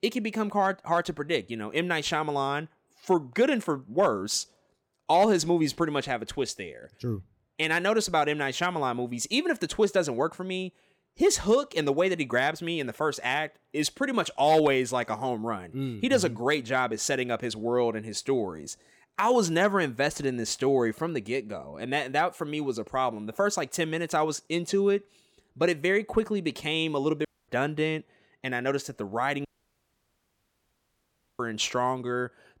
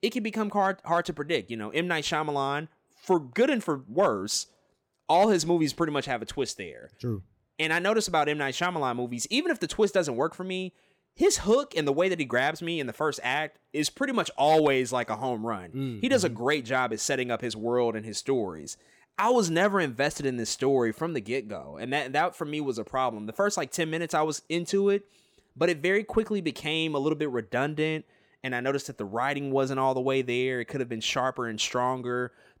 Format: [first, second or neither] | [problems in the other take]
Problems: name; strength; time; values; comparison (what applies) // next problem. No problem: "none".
second | audio cutting out; at 27 s and at 29 s for 2 s